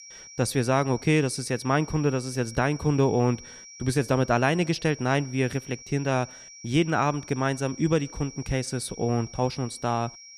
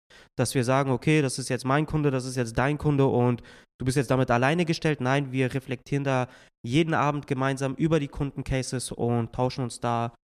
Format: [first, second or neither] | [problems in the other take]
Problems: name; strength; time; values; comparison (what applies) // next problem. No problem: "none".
second | high-pitched whine; noticeable; throughout; 5.5 kHz, 15 dB below the speech